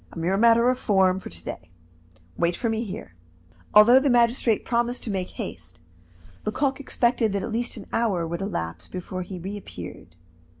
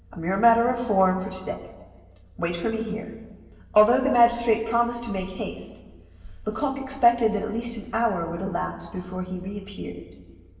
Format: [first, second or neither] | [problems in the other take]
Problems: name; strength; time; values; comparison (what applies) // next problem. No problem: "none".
first | room echo; dies away in 1.4 s